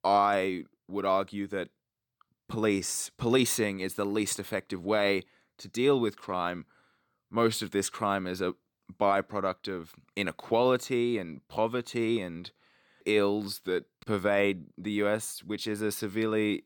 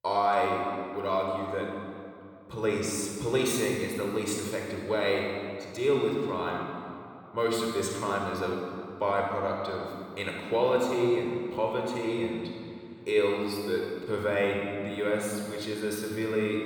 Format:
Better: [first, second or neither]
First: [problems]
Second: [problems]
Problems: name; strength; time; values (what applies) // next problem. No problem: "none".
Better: first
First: none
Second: room echo; noticeable; dies away in 2 s // off-mic speech; somewhat distant